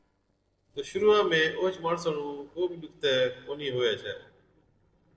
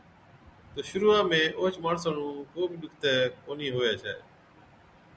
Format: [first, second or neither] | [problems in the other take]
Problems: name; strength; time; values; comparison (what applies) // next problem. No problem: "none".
second | noise reduction (neural separator model SepFormer DNS4)